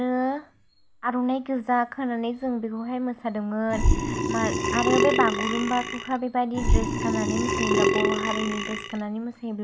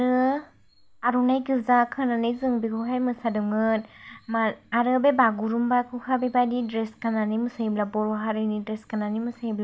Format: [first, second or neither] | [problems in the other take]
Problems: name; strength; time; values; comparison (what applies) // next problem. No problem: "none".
second | background sound (Burping, eructation); 3 dB above the speech